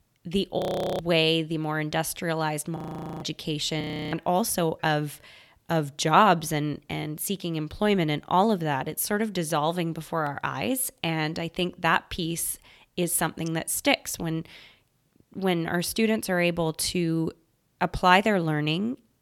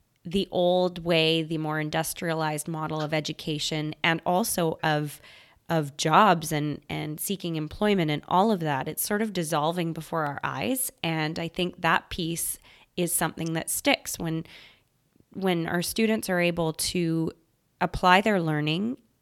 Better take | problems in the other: second | audio freezing; at 0.5 s, at 3 s and at 4 s

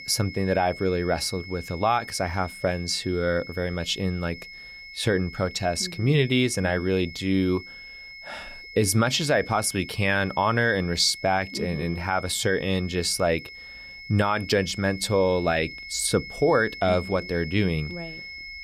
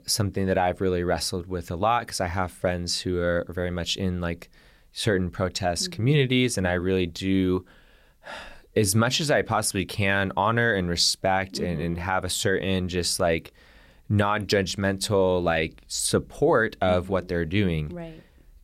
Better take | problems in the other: second | high-pitched whine; noticeable; throughout; 2 kHz, 15 dB below the speech

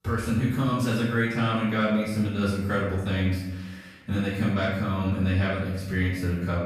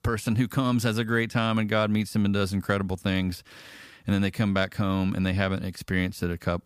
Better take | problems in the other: second | off-mic speech; far // room echo; noticeable; dies away in 0.9 s

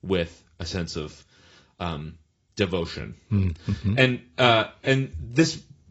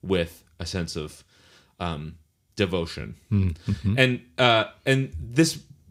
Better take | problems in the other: second | garbled, watery; badly; nothing above 7.5 kHz

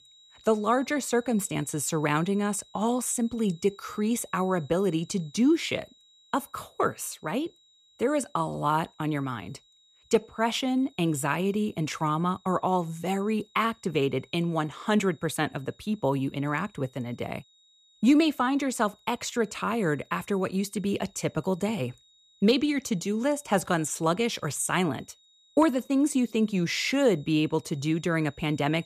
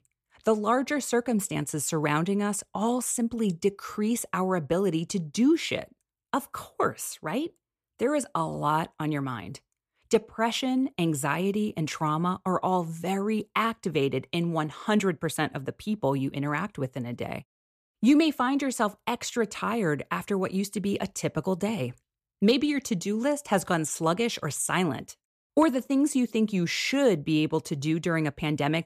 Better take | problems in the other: second | high-pitched whine; faint; throughout; 4 kHz, 30 dB below the speech

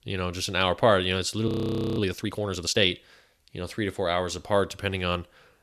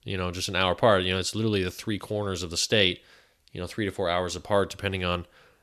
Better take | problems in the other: second | audio freezing; at 1.5 s for 0.5 s

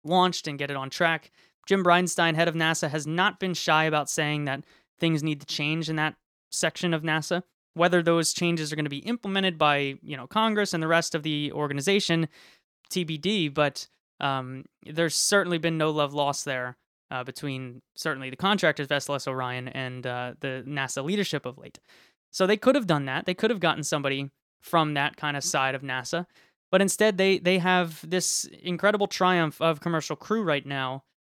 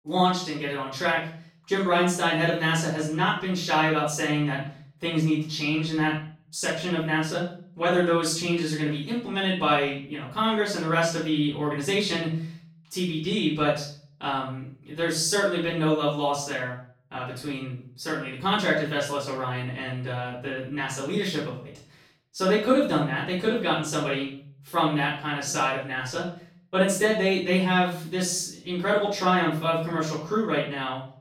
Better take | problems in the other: first | off-mic speech; far // room echo; noticeable; dies away in 0.5 s

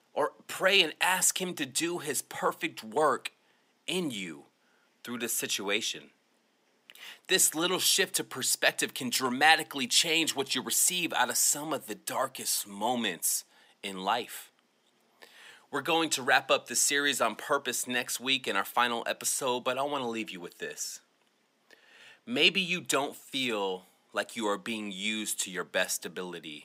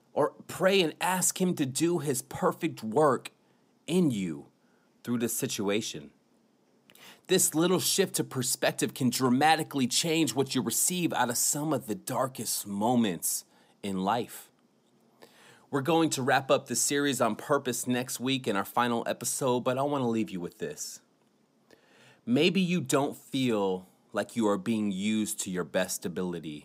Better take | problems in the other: second | thin; somewhat; fading below 700 Hz

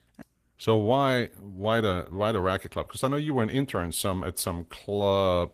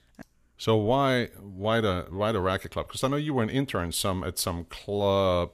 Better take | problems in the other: second | garbled, watery; slightly; nothing above 14.5 kHz

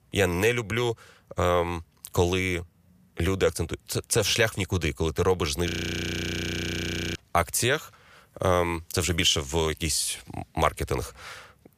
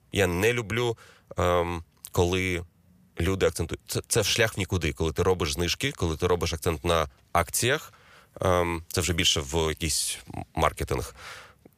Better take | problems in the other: second | audio freezing; at 5.5 s for 1.5 s

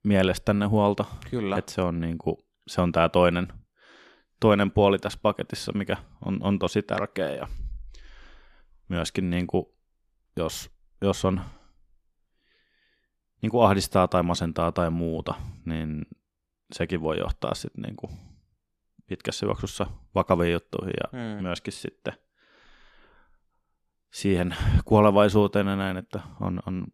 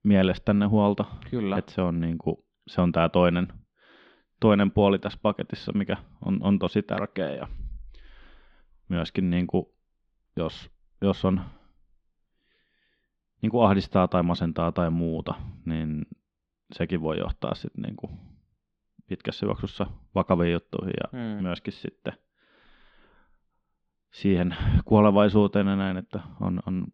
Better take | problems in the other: first | muffled; slightly; fading above 3.5 kHz

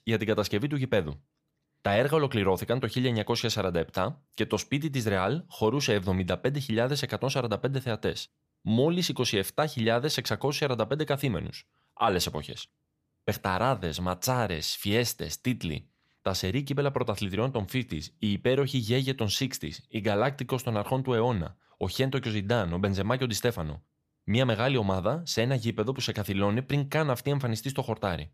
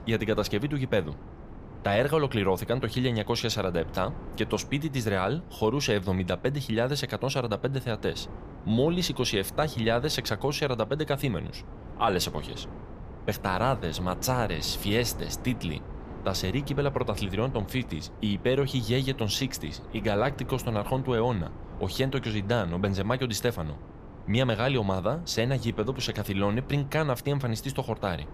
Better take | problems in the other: first | wind noise on the microphone; occasional gusts; 15 dB below the speech

